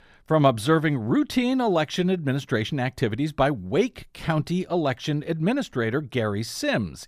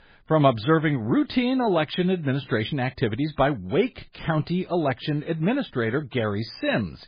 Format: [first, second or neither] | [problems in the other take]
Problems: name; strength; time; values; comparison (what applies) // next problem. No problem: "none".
first | garbled, watery; badly